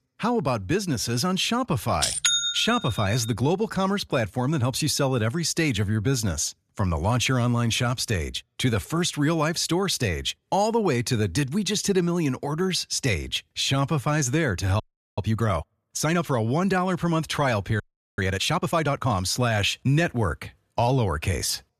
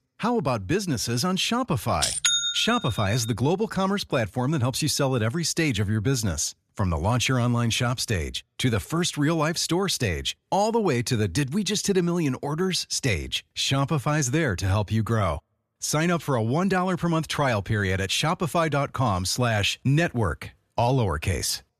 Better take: second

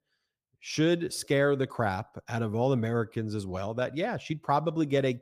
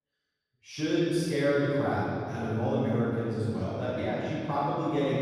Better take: first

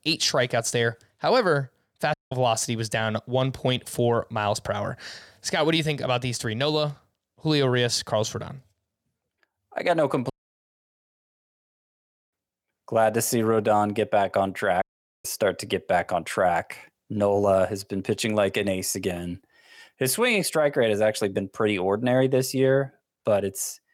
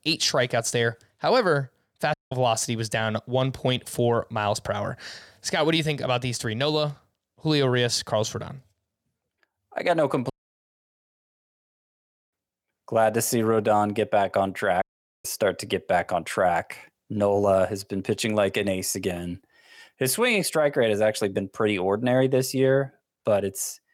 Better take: neither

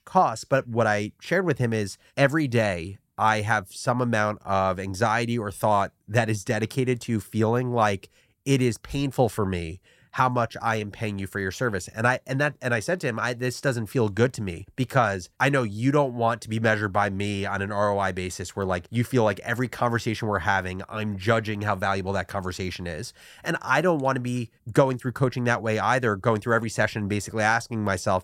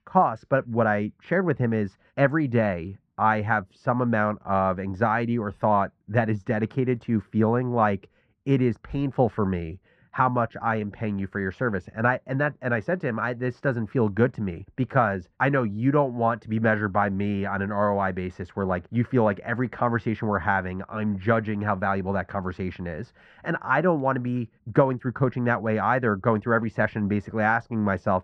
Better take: first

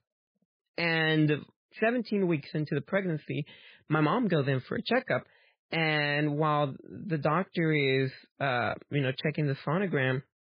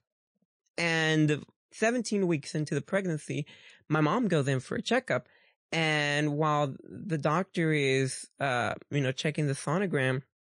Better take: second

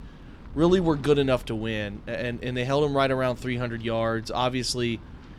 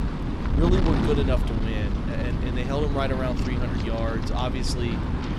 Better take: first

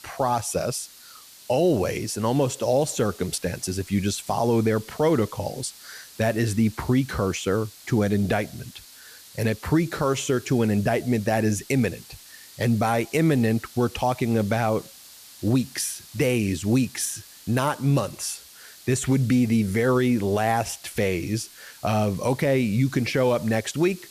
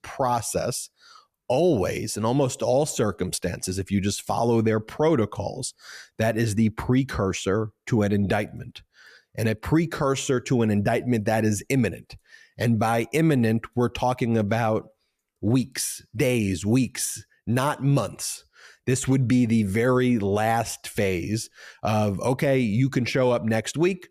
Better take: second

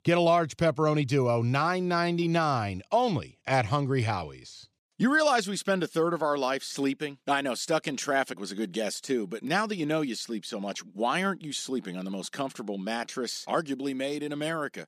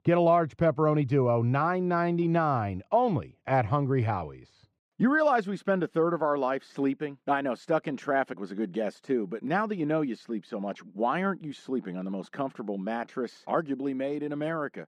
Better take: first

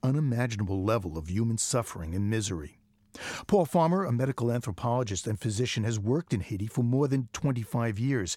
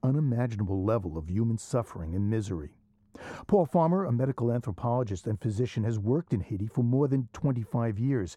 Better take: first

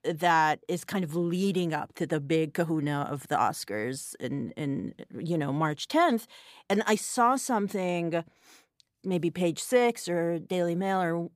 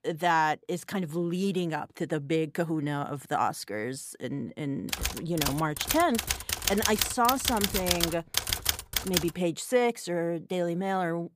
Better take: first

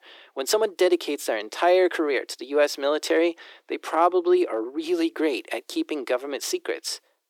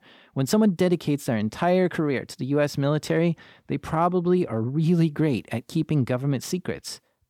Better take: second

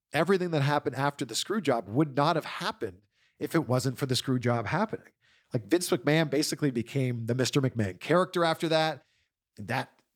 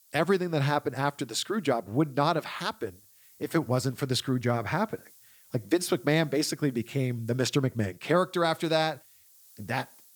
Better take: first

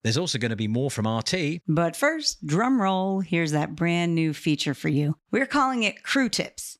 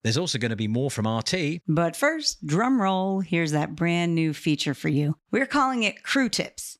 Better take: neither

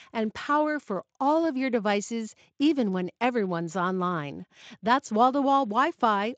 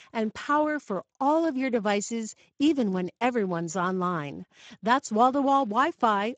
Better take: first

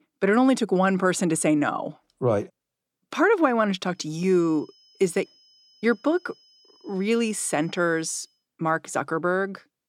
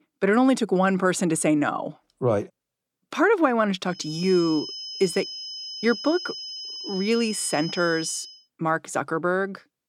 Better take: first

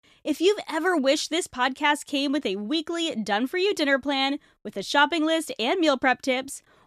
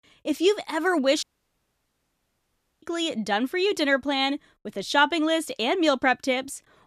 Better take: first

